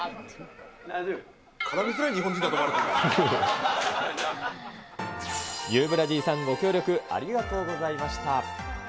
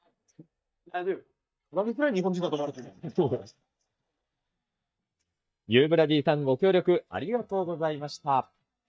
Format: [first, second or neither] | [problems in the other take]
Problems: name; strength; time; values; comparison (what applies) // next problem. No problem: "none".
first | noise reduction (neural mask model DeepFilterNet 3)